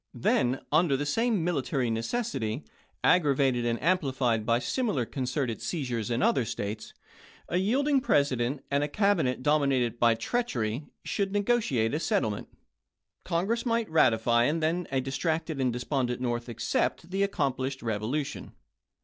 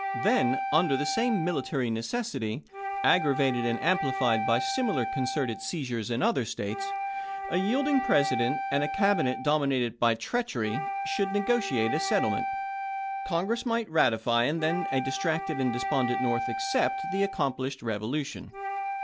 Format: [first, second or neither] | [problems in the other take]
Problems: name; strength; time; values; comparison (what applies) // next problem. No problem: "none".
first | background sound (Wind instrument, woodwind instrument); 5 dB below the speech